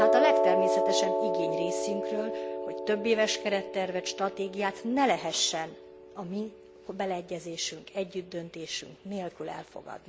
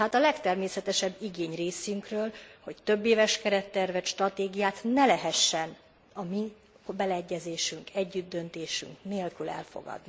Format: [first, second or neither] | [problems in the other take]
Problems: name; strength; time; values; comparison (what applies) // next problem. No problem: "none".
second | background sound (Piano); as loud as the speech